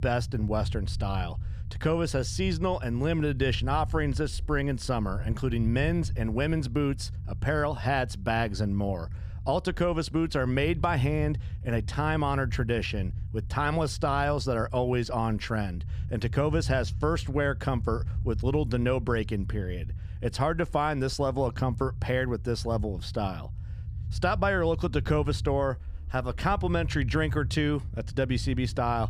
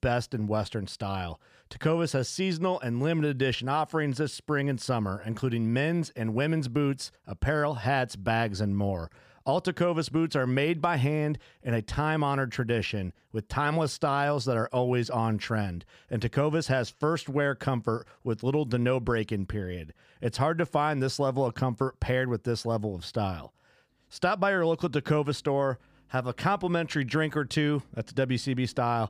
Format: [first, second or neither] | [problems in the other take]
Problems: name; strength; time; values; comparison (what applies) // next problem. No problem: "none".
second | low rumble; faint; throughout; 20 dB below the speech